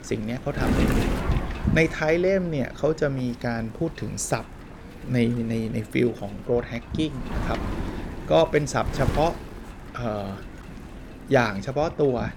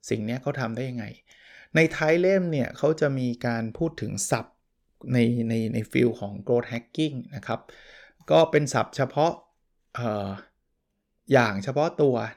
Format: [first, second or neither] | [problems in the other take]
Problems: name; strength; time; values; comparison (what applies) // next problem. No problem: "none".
second | wind noise on the microphone; occasional gusts; 10 dB below the speech